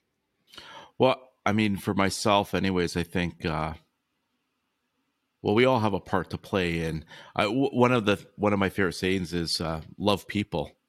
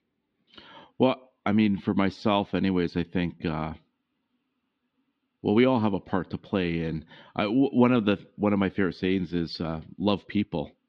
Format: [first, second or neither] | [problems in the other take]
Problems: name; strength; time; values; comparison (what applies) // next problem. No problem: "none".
first | muffled; very slightly; fading above 4 kHz